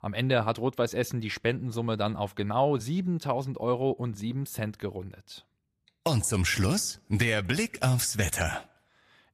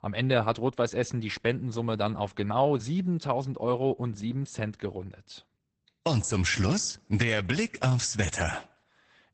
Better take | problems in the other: first | garbled, watery; badly; nothing above 8 kHz

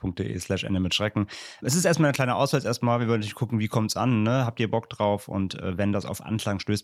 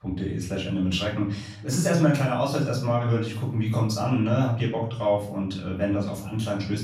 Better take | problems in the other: first | room echo; noticeable; dies away in 0.6 s // off-mic speech; far

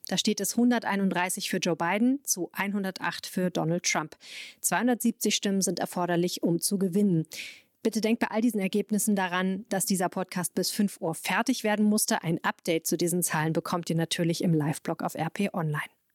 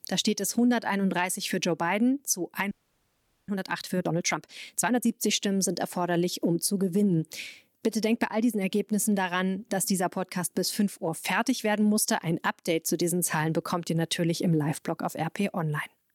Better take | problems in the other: first | audio freezing; at 2.5 s for 1 s

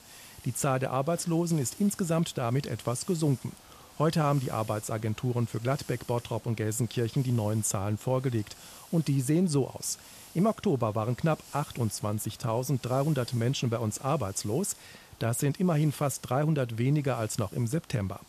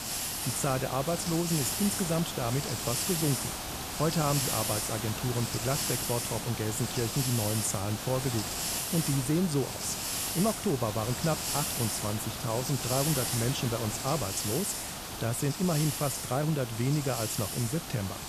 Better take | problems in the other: first | hiss; loud; throughout; 1 dB below the speech; faint in the first

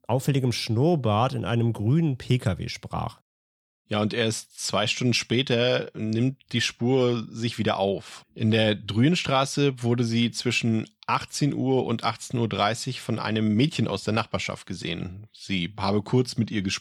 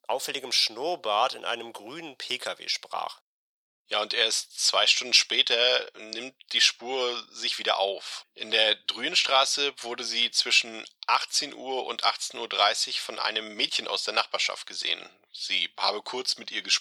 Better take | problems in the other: first | thin; very; fading below 550 Hz

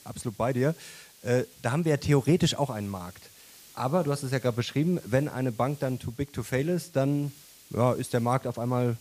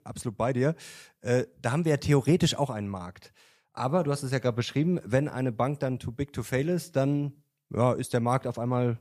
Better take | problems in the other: second | hiss; faint; throughout; 25 dB below the speech

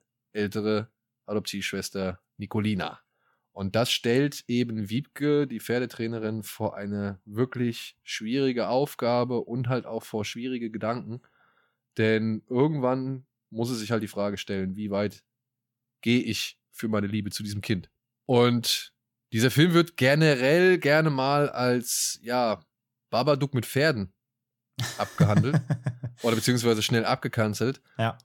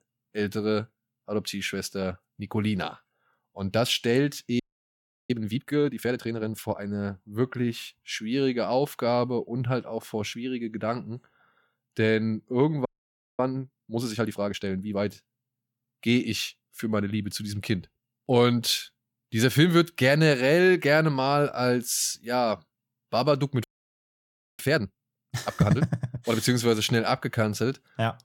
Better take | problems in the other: first | audio freezing; at 4.5 s for 0.5 s, at 13 s for 0.5 s and at 24 s for 1 s

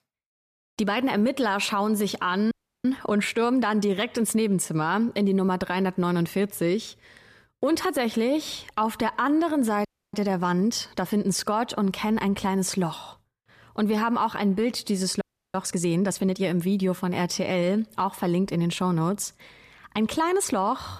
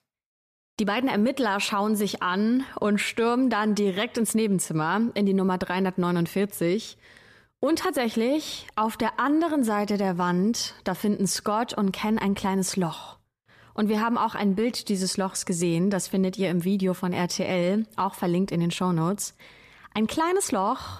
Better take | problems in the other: second | audio freezing; at 2.5 s, at 10 s and at 15 s

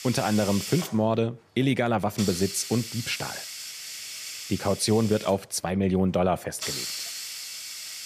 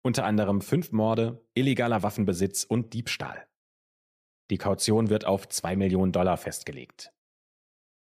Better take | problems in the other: second | hiss; loud; throughout; 8 dB below the speech

